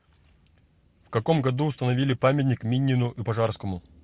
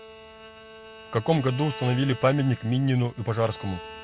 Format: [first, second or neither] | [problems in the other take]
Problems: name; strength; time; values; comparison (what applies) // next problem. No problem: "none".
first | background sound (Bowed string instrument); 17 dB below the speech